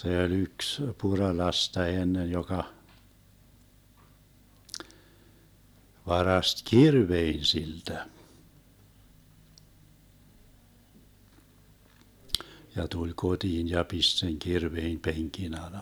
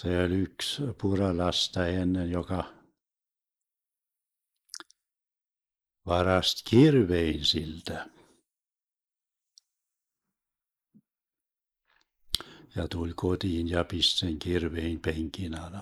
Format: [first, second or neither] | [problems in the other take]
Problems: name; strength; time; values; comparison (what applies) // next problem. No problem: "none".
first | noise reduction (neural mask model Resemble Enhance denoiser)